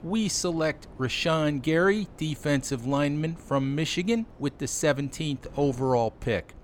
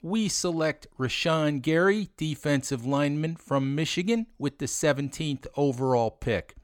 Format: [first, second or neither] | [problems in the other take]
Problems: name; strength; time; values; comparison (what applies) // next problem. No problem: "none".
second | wind noise on the microphone; occasional gusts; 25 dB below the speech